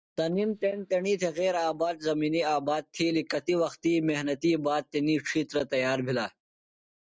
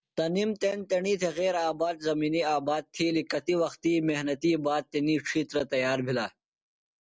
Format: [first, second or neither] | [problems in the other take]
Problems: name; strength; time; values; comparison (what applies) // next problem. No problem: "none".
second | noise reduction (neural mask model DeepFilterNet 3)